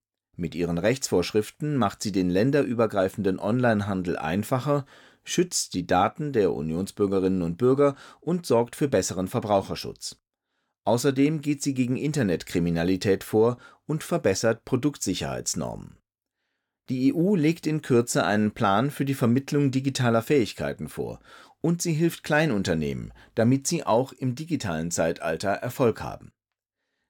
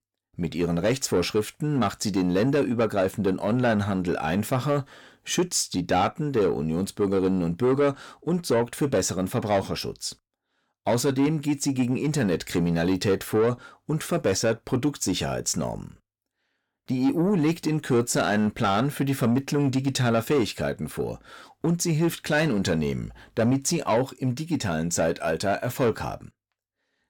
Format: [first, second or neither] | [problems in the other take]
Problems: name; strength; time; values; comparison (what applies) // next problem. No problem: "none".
first | distortion; slight; 10 dB below the speech